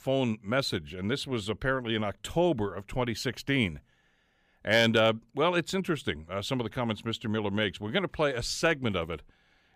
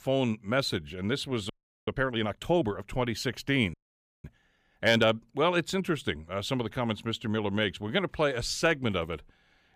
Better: first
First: none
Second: audio freezing; at 1.5 s and at 3.5 s for 0.5 s

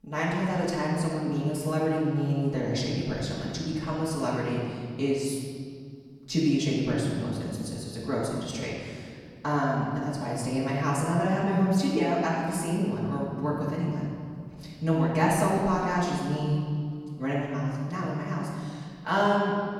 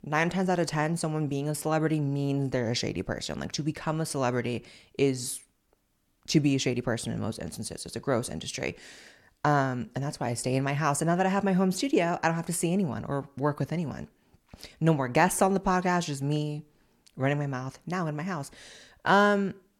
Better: second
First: off-mic speech; far // room echo; noticeable; dies away in 2.2 s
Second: none

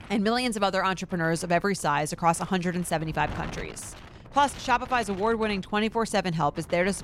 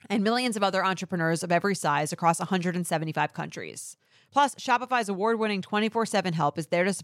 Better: second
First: wind noise on the microphone; occasional gusts; 20 dB below the speech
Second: none

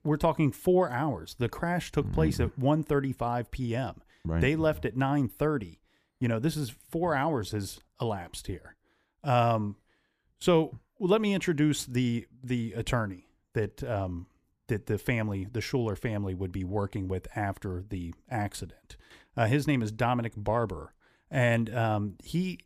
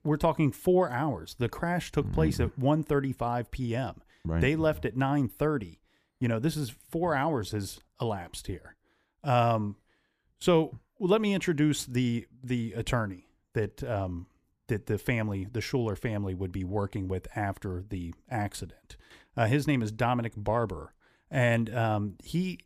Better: neither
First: none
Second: none

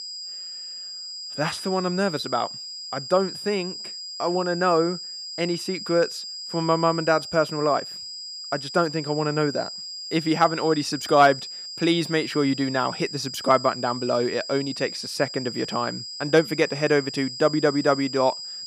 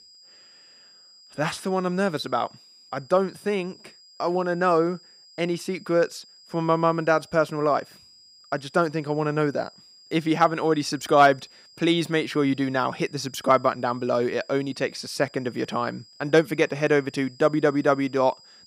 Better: second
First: high-pitched whine; loud; throughout; 5 kHz, 9 dB below the speech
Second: high-pitched whine; faint; throughout; 5 kHz, 25 dB below the speech

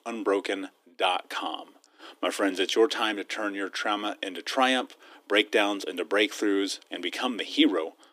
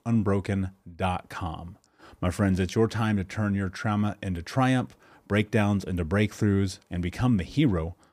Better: second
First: thin; somewhat; fading below 300 Hz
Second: none

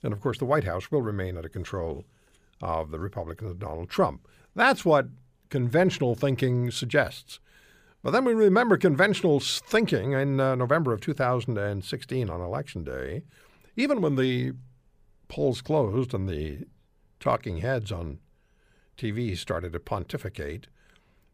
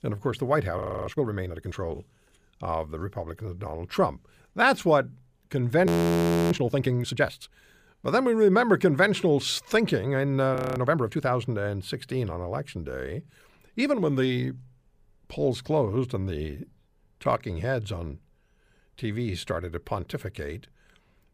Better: first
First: none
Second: audio freezing; at 1 s, at 6 s for 0.5 s and at 11 s

